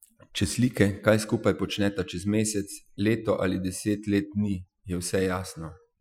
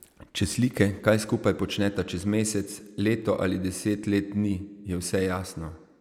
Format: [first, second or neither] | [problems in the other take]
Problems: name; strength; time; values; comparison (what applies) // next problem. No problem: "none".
second | noise reduction (classical method Wiener filter)